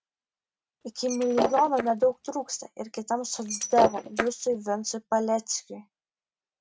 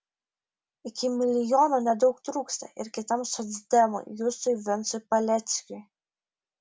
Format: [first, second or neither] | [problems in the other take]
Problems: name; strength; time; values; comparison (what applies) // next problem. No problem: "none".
second | noise reduction (neural mask model RNNoise)